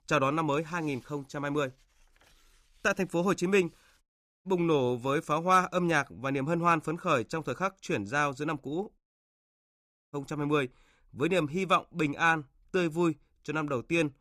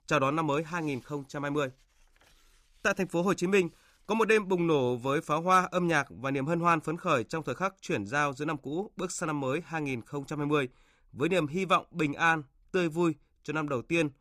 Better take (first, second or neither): second